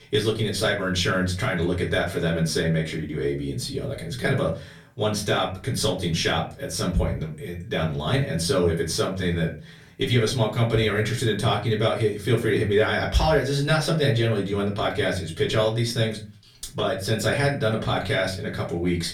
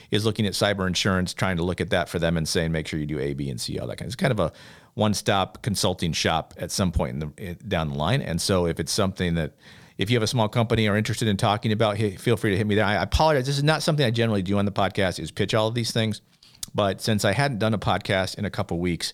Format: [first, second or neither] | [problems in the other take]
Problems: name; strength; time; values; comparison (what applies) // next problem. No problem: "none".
second | off-mic speech; far // room echo; very slight; dies away in 0.3 s